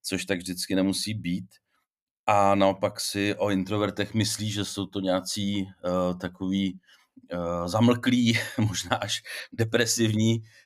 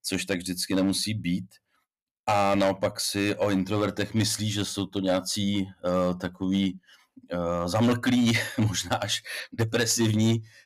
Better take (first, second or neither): first